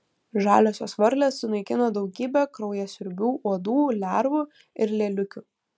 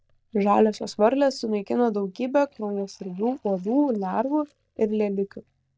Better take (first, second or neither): first